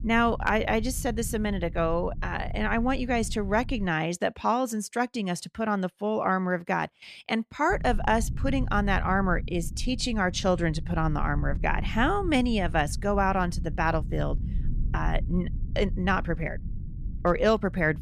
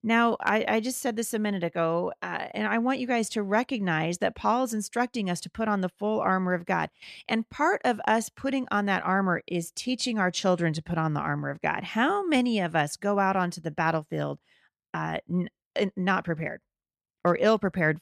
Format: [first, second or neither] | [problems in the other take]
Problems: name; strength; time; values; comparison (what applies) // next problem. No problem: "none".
second | low rumble; faint; until 4 s and from 7.5 s on; 20 dB below the speech